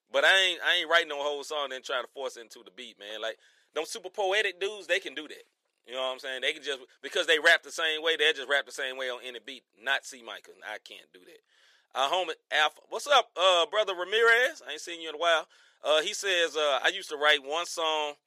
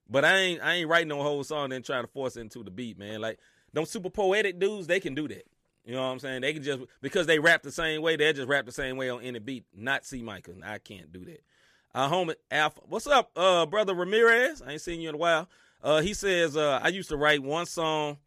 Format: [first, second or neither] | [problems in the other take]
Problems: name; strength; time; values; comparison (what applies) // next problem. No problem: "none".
second | thin; very; fading below 450 Hz